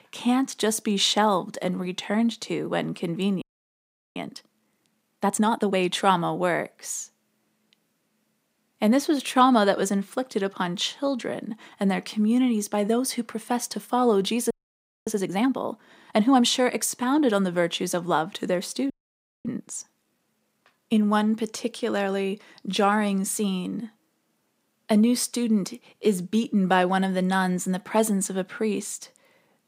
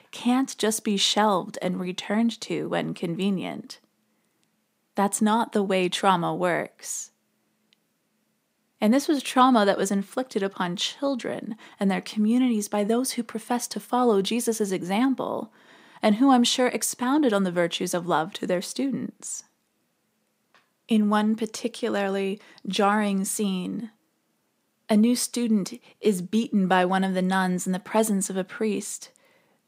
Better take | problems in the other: second | audio freezing; at 3.5 s for 0.5 s, at 15 s for 0.5 s and at 19 s for 0.5 s

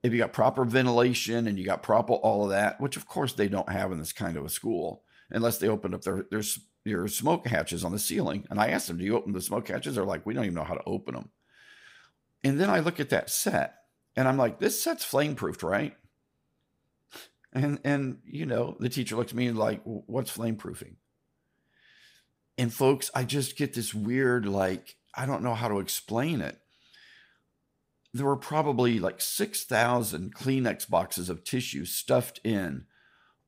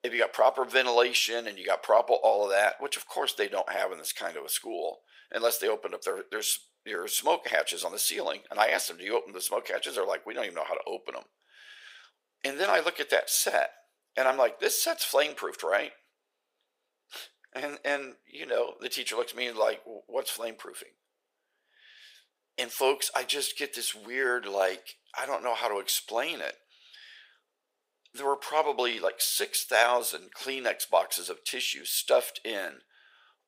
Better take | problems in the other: first | thin; very; fading below 500 Hz

